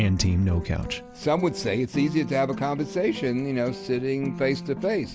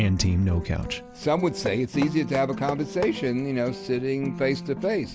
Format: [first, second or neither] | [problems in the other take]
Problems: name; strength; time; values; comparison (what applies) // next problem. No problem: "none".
first | background sound (Knock); 13 dB below the speech